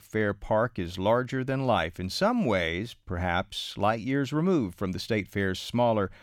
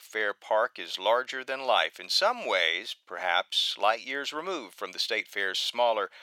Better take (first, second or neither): first